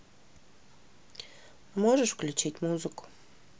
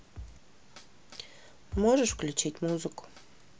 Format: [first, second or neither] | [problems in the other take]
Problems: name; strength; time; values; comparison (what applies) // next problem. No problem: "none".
first | background sound (Drum kit); 15 dB below the speech